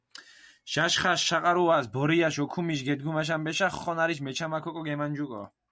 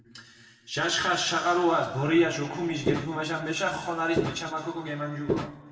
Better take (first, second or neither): first